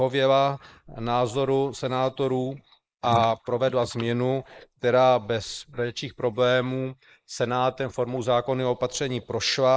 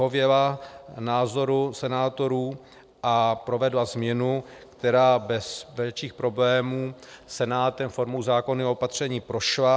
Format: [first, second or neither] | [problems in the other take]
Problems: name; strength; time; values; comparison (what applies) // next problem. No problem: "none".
second | noise reduction (neural mask model Resemble Enhance denoiser)